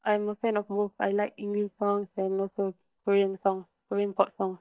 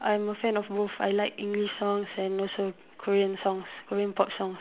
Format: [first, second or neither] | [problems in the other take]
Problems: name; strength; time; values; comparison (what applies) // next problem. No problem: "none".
second | noise reduction (neural mask model DeepFilterNet 3)